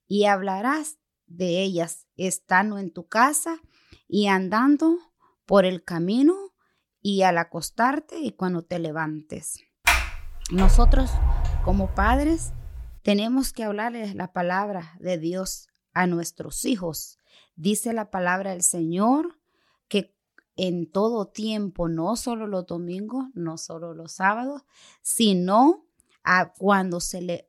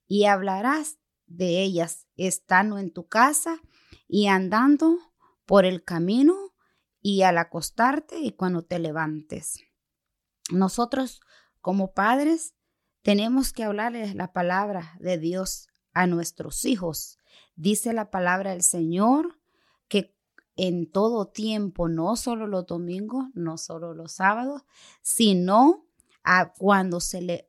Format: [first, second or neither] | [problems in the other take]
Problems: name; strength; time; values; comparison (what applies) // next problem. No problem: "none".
second | door banging; loud; from 10 to 13 s; peak 4 dB above the speech